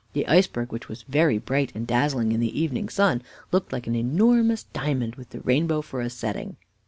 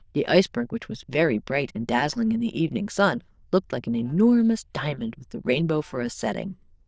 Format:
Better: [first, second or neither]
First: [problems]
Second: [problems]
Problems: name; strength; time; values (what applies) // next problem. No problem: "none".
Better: first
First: none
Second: noise reduction (neural diffusion model UNIVERSE++)